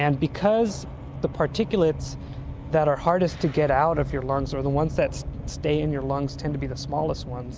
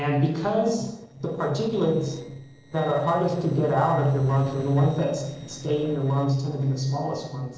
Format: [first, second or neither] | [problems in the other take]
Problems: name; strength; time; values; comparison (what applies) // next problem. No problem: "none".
first | noise reduction (neural separator model SepFormer DNS4)